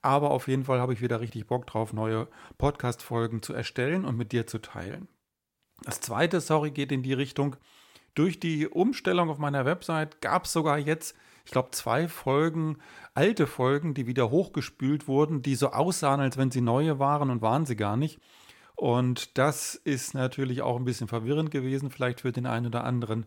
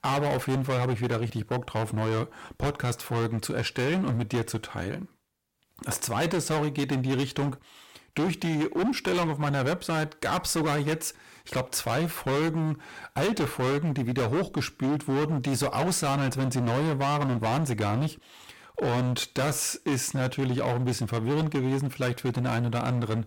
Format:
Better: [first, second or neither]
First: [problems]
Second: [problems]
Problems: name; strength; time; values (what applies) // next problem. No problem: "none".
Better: first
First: none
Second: distortion; heavy; 23% of the sound clipped